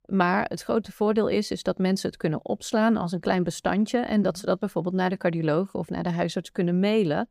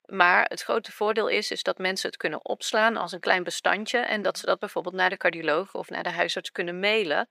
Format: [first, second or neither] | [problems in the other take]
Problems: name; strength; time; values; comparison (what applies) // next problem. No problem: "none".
first | thin; very; fading below 450 Hz